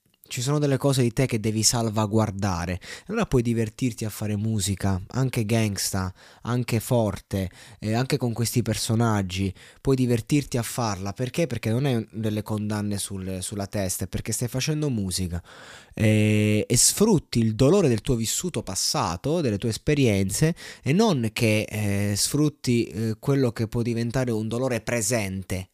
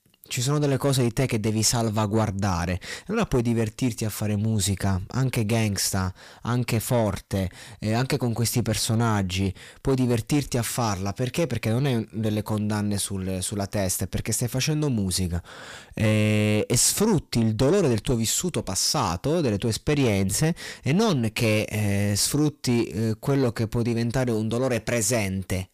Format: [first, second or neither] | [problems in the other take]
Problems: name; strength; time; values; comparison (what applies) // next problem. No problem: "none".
first | distortion; slight; 10 dB below the speech